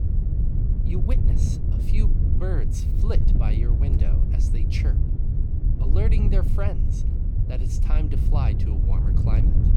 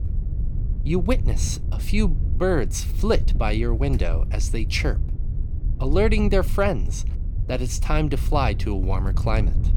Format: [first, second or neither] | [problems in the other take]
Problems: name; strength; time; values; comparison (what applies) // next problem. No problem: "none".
second | wind noise on the microphone; heavy; as loud as the speech; occasional gusts in the second